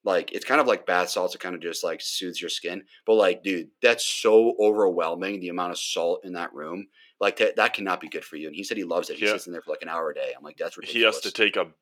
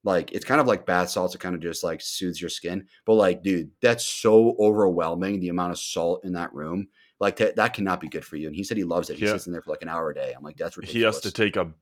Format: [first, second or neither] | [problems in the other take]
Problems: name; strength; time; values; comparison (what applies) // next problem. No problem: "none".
second | thin; very slightly; fading below 350 Hz